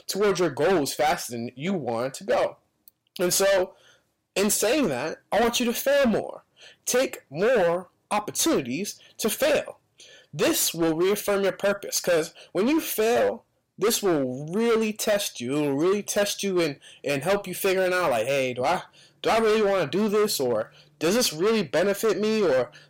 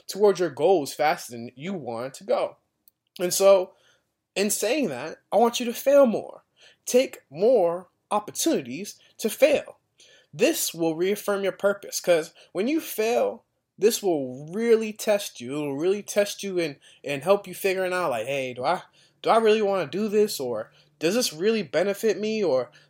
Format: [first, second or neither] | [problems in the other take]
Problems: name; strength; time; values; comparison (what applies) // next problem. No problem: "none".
second | distortion; heavy; 16% of the sound clipped